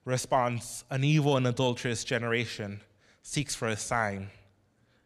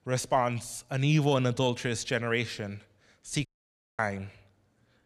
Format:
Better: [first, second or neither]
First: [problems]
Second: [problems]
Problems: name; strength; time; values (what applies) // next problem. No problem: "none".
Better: first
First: none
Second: audio cutting out; at 3.5 s for 0.5 s